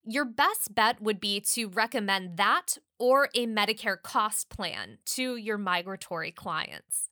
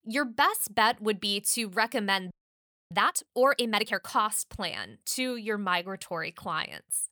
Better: first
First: none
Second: audio freezing; at 2.5 s for 0.5 s

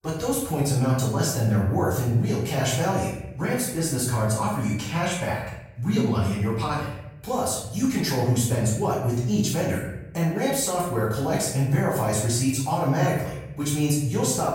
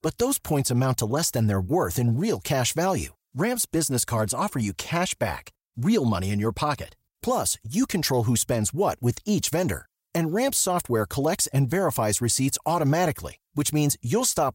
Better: second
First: off-mic speech; far // room echo; noticeable; dies away in 0.8 s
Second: none

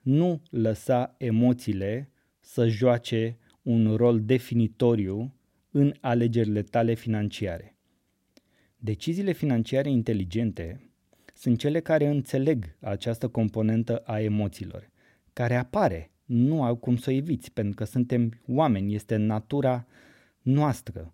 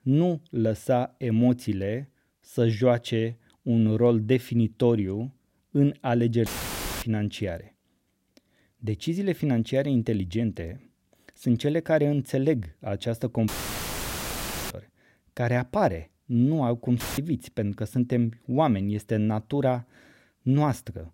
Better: first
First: none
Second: audio cutting out; filled with static; at 6.5 s for 0.5 s, at 13 s for 1 s and at 17 s

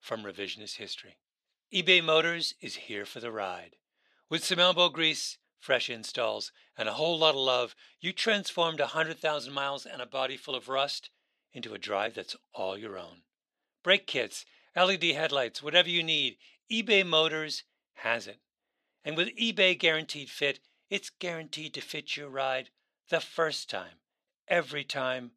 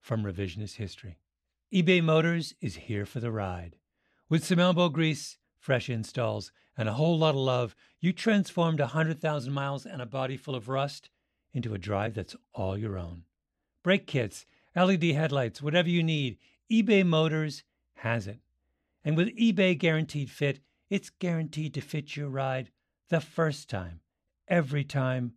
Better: second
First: thin; somewhat; fading below 450 Hz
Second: none

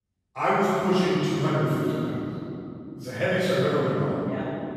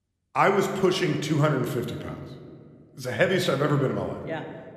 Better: second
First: room echo; strong; dies away in 3 s // off-mic speech; far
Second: room echo; slight; dies away in 1.3 s

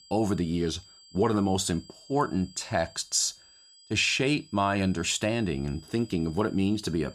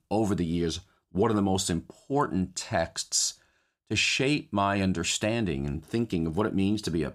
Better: second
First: high-pitched whine; faint; throughout; 4.5 kHz, 25 dB below the speech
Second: none

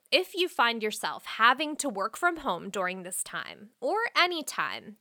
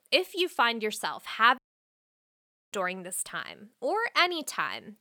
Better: first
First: none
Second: audio cutting out; at 1.5 s for 1 s

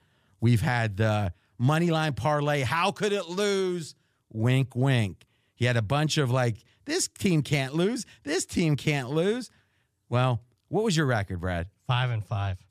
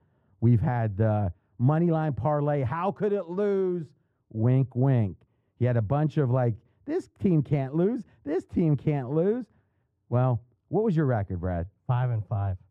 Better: first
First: none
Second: muffled; very; fading above 2 kHz

